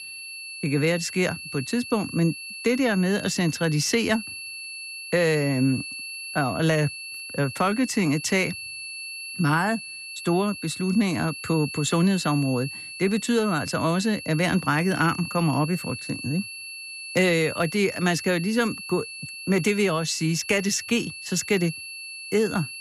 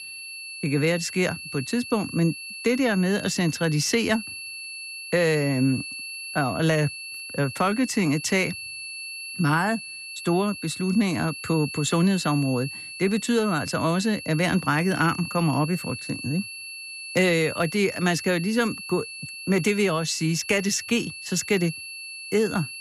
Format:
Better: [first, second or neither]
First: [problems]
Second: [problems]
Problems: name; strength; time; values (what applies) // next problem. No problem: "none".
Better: neither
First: high-pitched whine; loud; throughout; 2.5 kHz, 10 dB below the speech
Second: high-pitched whine; loud; throughout; 2.5 kHz, 10 dB below the speech